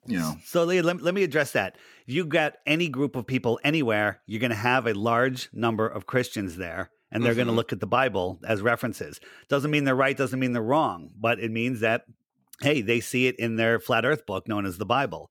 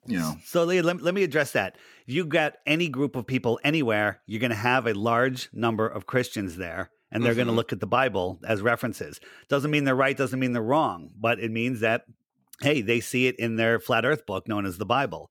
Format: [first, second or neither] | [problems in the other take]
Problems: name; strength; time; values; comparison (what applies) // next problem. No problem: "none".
neither | none